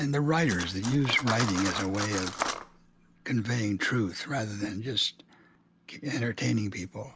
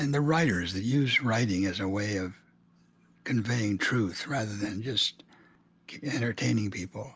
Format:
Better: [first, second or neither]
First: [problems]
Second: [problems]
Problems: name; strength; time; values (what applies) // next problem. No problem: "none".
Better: second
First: background sound (Cutlery, silverware); 9 dB below the speech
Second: none